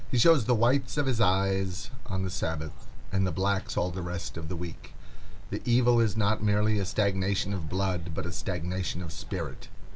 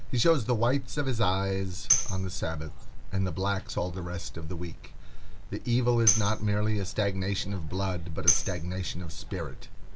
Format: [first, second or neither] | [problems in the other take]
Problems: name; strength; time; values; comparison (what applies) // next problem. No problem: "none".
first | background sound (Tambourine); 6 dB below the speech